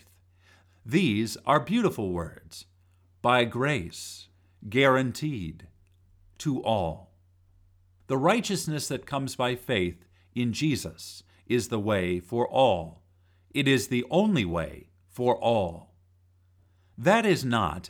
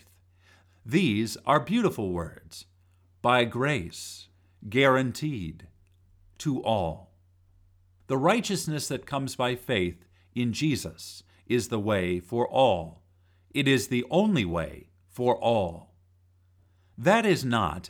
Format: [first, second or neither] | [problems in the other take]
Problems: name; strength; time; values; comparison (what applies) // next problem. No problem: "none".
neither | none